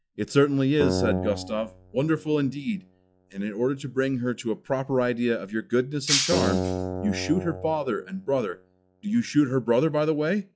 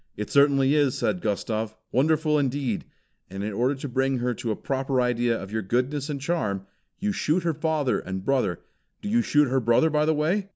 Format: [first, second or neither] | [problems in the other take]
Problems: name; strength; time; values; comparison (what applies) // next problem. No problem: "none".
second | noise reduction (classical method log-MMSE)